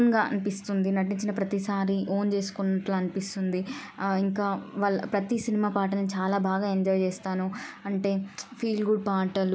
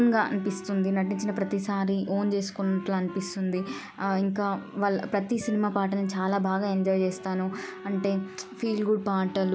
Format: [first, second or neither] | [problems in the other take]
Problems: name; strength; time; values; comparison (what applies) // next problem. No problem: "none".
first | background sound (Wind instrument, woodwind instrument + Wind instrument, woodwind instrument); 17 dB below the speech